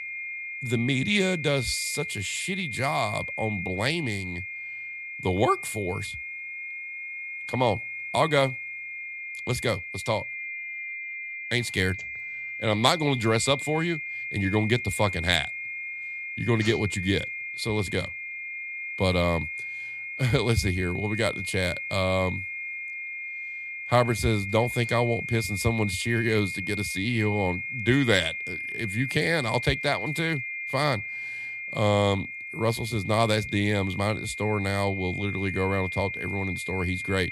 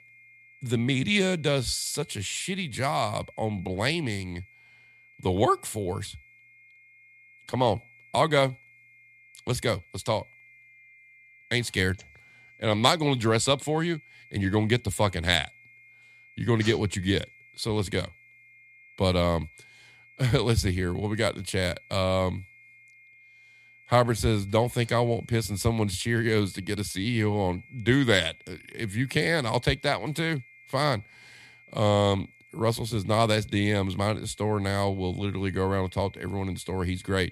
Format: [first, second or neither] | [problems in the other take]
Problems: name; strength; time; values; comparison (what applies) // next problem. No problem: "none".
second | high-pitched whine; loud; throughout; 2 kHz, 6 dB below the speech; faint in the second